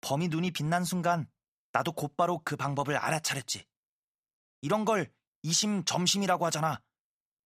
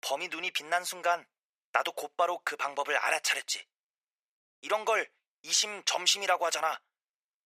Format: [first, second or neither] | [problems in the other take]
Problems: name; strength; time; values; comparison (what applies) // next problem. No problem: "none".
first | thin; very; fading below 450 Hz